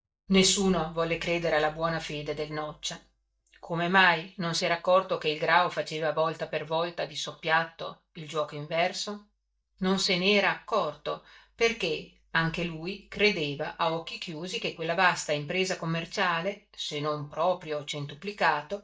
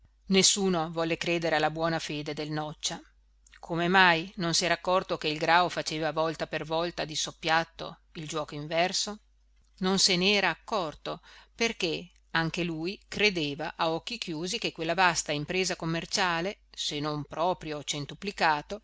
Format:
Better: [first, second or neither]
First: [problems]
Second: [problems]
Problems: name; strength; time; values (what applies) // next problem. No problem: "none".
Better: second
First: noise reduction (neural mask model DeepFilterNet 3)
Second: none